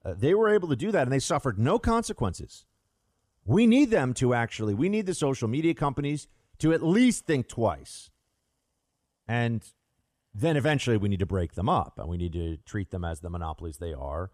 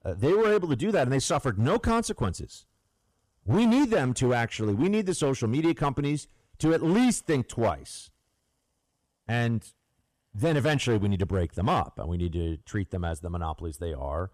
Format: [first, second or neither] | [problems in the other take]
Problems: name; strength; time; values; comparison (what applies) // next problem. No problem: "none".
first | distortion; slight; 7% of the sound clipped